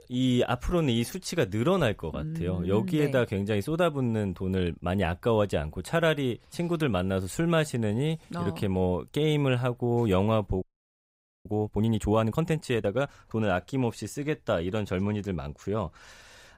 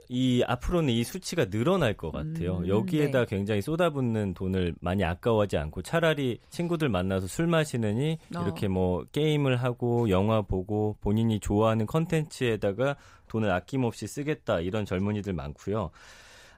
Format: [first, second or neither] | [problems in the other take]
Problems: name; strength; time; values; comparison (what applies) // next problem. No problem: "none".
second | audio freezing; at 11 s for 1 s